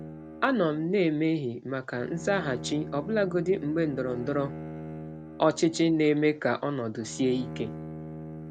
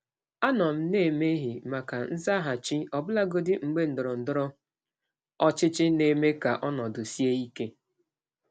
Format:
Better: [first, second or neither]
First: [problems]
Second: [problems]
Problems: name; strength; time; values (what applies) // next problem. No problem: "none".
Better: second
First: background sound (Bowed string instrument); 12 dB below the speech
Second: none